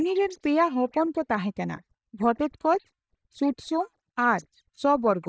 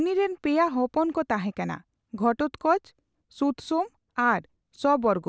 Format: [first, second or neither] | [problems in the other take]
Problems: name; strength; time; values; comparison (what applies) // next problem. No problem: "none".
second | noise reduction (neural mask model DeepFilterNet 3)